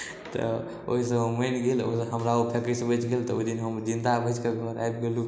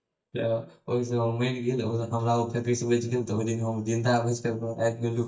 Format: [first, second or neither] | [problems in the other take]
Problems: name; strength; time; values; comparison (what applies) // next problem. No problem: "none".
first | noise reduction (neural mask model DeepFilterNet 3)